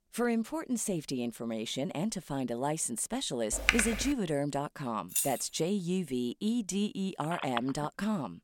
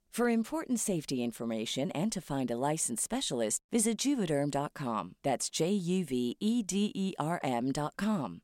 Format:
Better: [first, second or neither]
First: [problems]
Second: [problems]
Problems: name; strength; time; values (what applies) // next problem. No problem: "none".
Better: second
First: keyboard typing; loud; at 3.5 s; peak 5 dB above the speech // jangling keys; loud; at 5 s; peak 2 dB above the speech // phone ringing; noticeable; at 7 s; peak 6 dB below the speech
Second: none